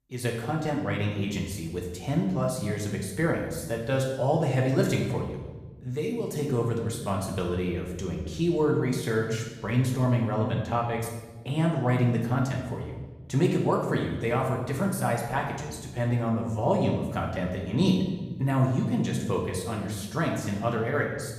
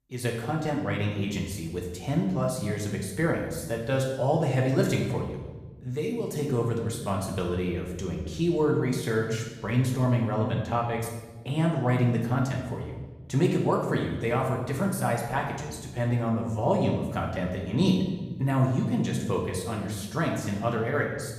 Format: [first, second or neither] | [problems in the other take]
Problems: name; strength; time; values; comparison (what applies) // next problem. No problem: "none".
neither | room echo; noticeable; dies away in 1.1 s; the same in both // off-mic speech; somewhat distant; the same in both